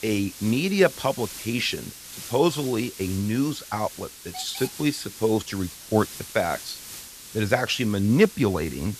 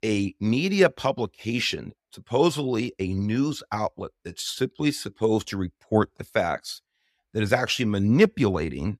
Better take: second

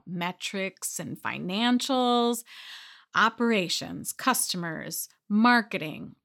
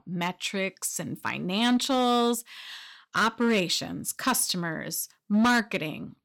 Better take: first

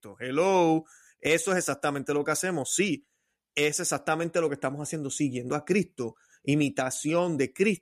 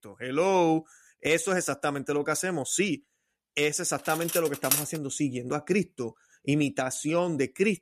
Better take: first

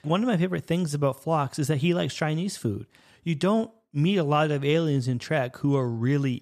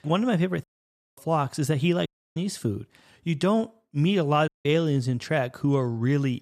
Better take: first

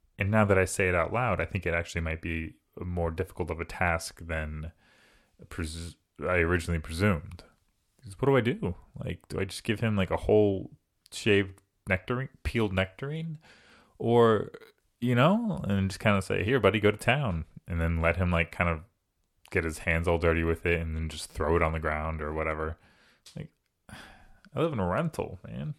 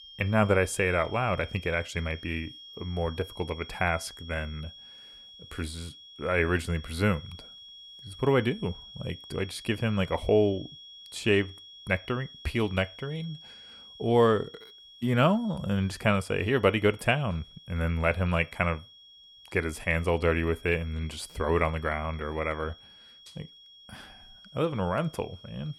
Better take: first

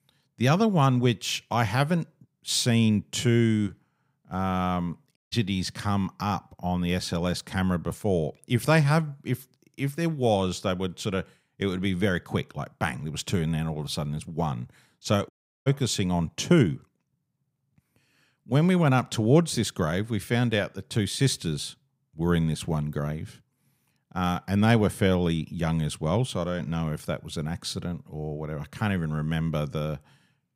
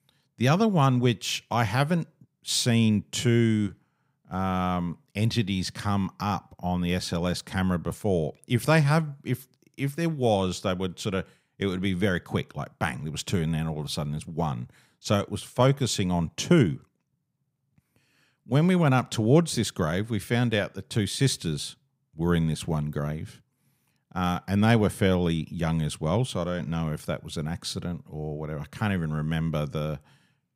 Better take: second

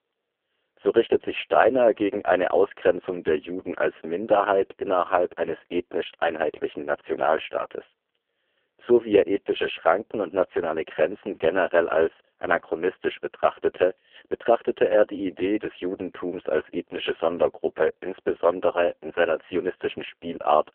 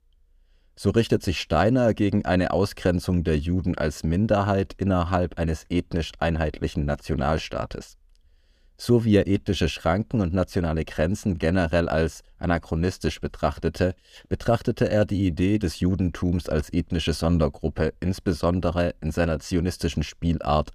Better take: second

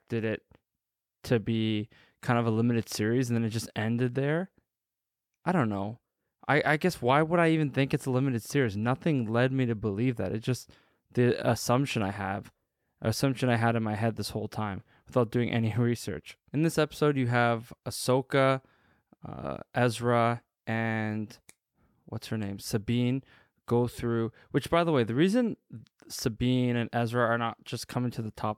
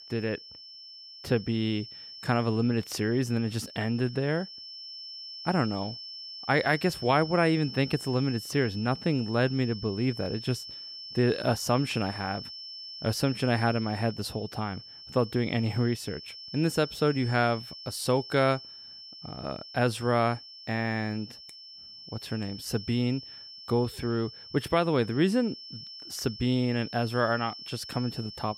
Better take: first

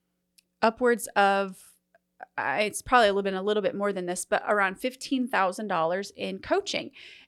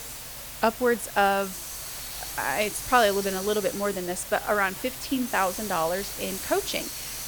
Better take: first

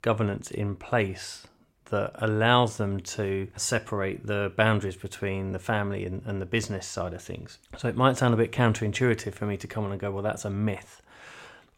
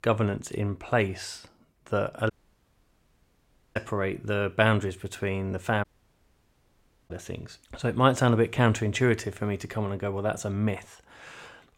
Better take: first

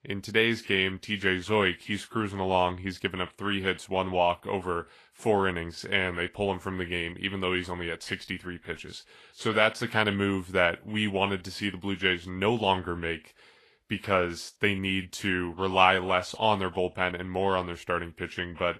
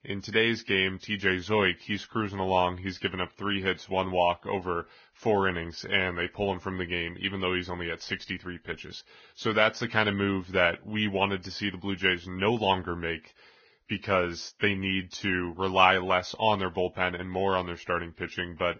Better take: first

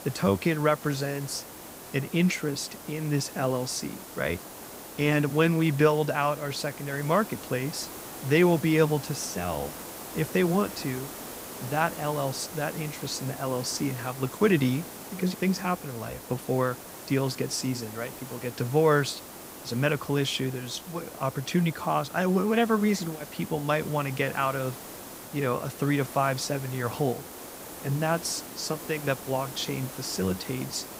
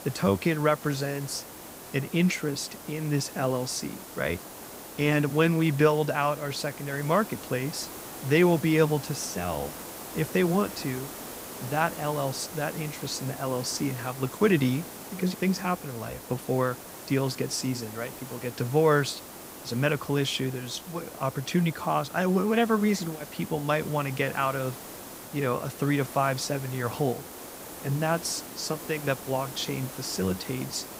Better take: neither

